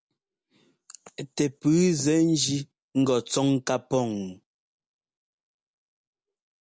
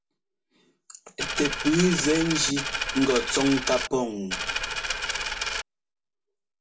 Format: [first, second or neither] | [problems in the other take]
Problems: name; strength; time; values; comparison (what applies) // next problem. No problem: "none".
first | background sound (Coin (dropping)); 2 dB below the speech // room echo; dies away in 0.2 s